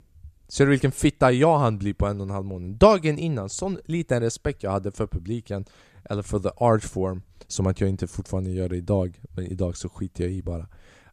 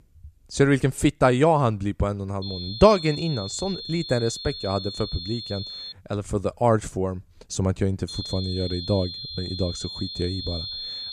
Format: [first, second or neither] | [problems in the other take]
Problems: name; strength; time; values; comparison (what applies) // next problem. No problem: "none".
first | high-pitched whine; loud; from 2.5 to 6 s and from 8 s on; 4 kHz, 8 dB below the speech